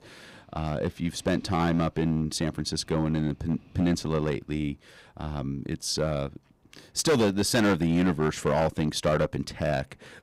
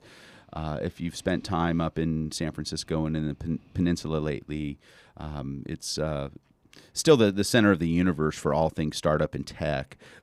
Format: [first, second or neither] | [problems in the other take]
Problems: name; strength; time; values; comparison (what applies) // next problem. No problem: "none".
second | distortion; heavy; 6% of the sound clipped